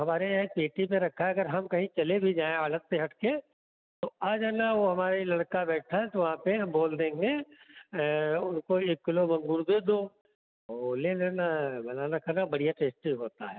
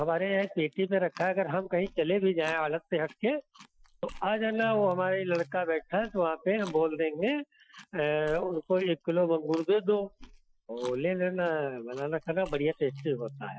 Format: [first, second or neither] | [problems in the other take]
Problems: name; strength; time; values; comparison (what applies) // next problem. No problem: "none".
first | noise reduction (classical method Wiener filter)